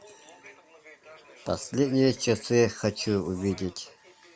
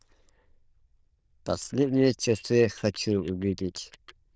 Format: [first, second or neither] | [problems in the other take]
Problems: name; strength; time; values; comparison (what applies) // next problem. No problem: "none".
first | noise reduction (neural diffusion model UNIVERSE++)